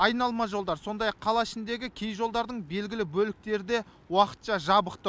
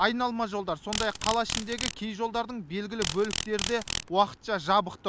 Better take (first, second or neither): first